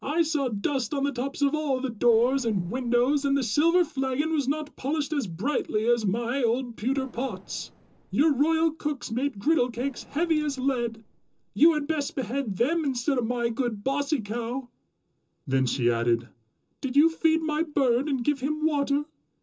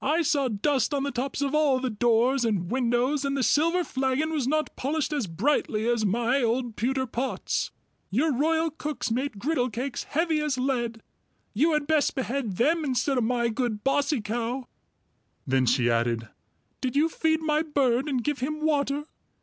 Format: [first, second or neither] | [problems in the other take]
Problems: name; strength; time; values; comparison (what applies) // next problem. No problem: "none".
second | noise reduction (neural separator model SepFormer DNS4)